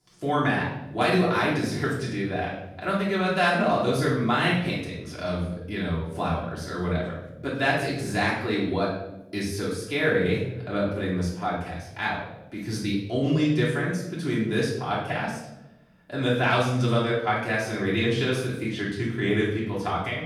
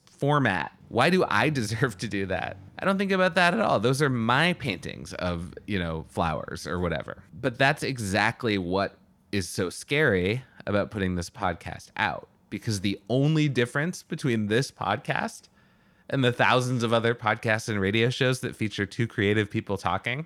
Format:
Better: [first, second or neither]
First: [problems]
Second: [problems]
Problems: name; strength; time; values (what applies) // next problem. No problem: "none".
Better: second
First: off-mic speech; far // room echo; noticeable; dies away in 0.8 s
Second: none